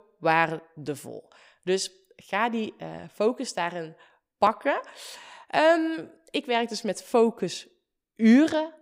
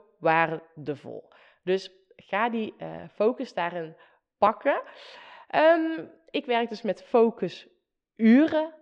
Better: first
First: none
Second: muffled; slightly; fading above 3.5 kHz

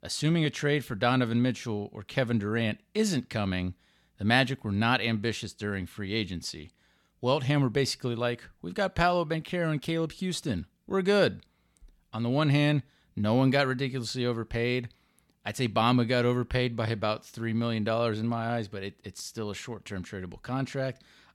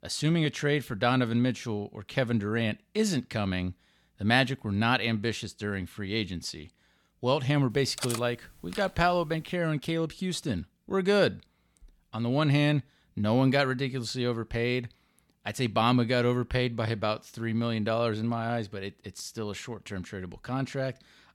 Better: first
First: none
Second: clattering dishes; noticeable; at 8 s; peak 6 dB below the speech

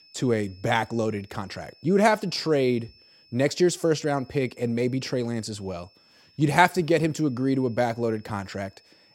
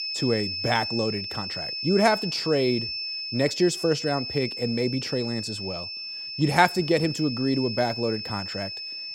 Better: first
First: high-pitched whine; faint; throughout; 5.5 kHz, 30 dB below the speech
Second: high-pitched whine; loud; throughout; 5.5 kHz, 5 dB below the speech

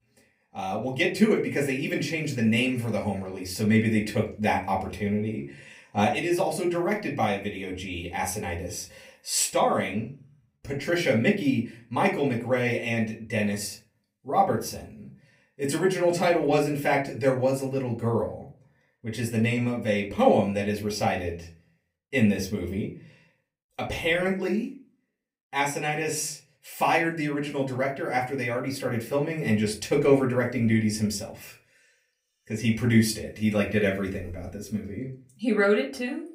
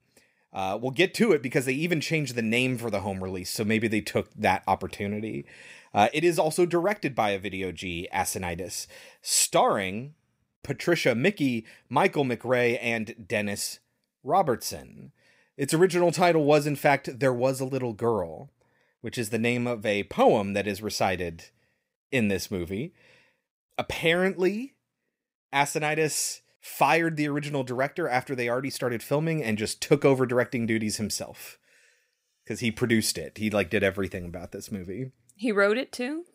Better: second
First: off-mic speech; far // room echo; very slight; dies away in 0.3 s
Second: none

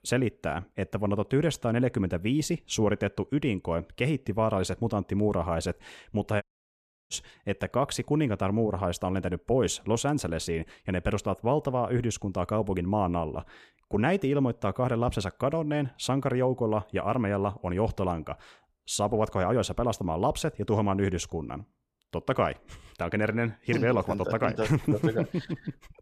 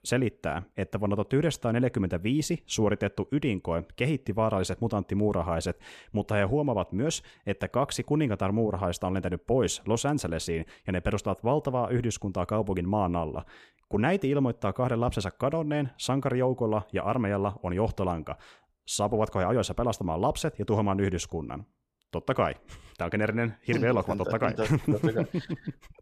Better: second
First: audio cutting out; at 6.5 s for 0.5 s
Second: none

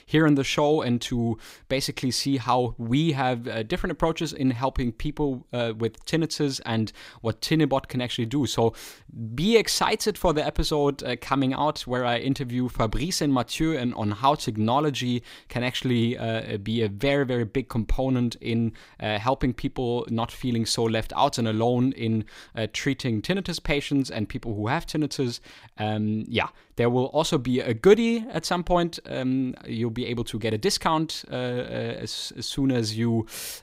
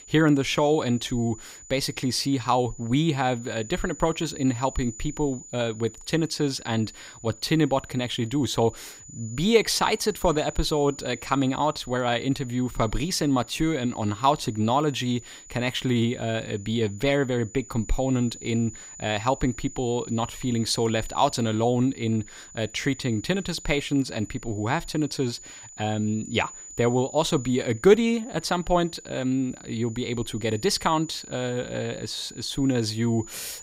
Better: first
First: none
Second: high-pitched whine; noticeable; throughout; 7 kHz, 15 dB below the speech

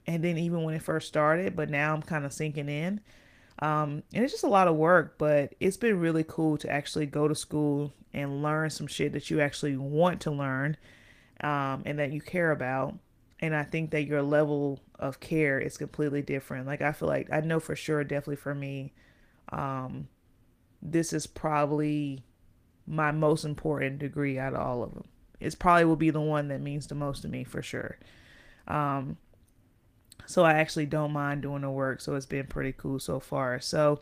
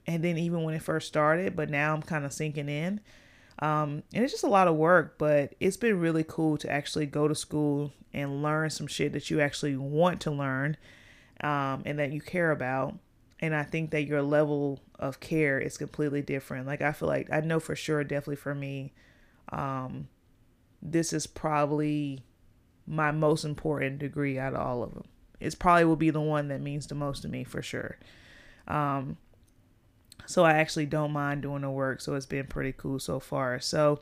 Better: second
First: garbled, watery; slightly; nothing above 15 kHz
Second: none

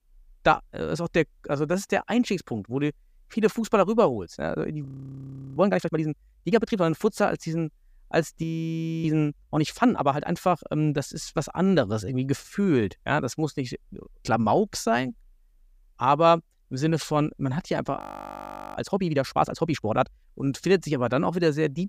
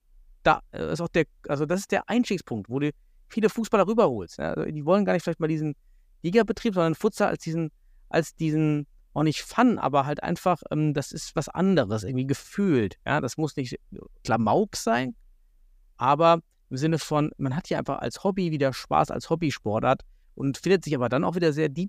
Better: second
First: audio freezing; at 5 s for 0.5 s, at 8.5 s for 0.5 s and at 18 s for 1 s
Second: none

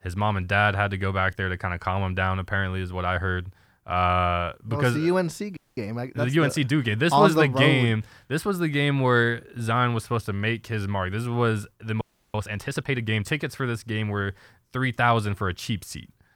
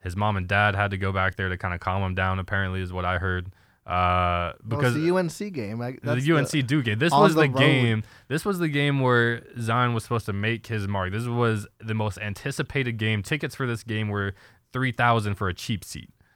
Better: second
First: audio freezing; at 5.5 s and at 12 s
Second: none

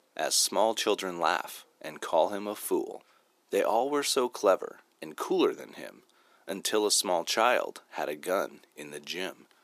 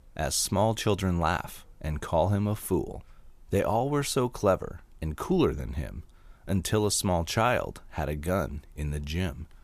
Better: second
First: thin; somewhat; fading below 300 Hz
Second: none

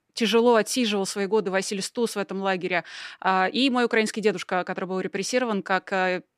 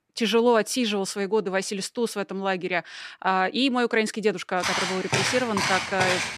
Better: first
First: none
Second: footsteps; loud; from 4.5 s on; peak level with the speech

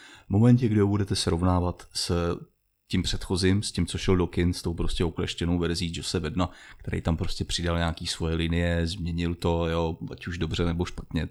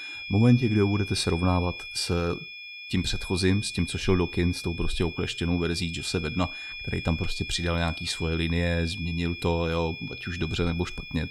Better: first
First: none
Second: high-pitched whine; loud; throughout; 2.5 kHz, 9 dB below the speech

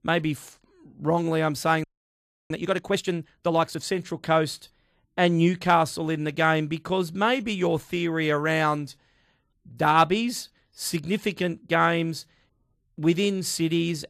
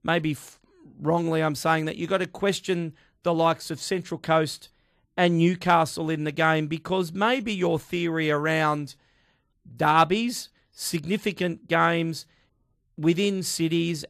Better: second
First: audio freezing; at 2 s for 0.5 s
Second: none

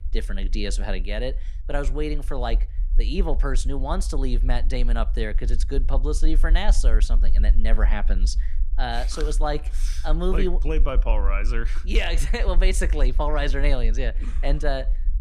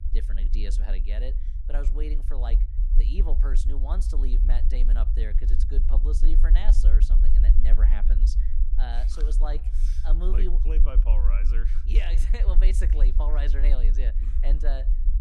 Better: first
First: low rumble; faint; throughout; 20 dB below the speech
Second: low rumble; loud; throughout; 7 dB below the speech

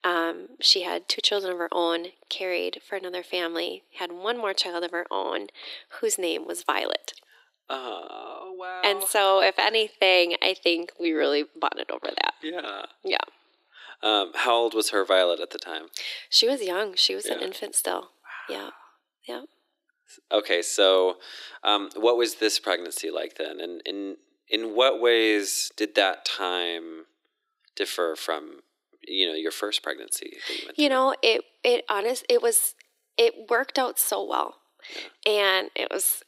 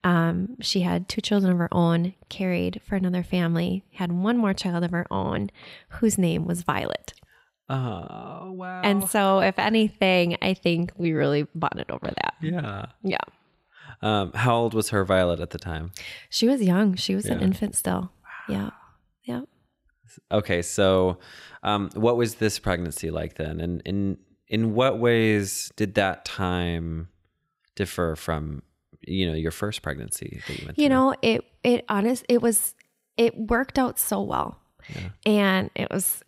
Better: second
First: thin; very; fading below 300 Hz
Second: none

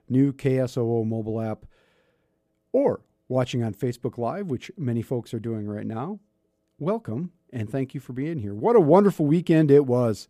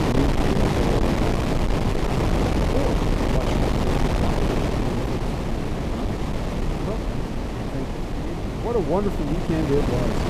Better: first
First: none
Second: wind noise on the microphone; heavy; 4 dB above the speech

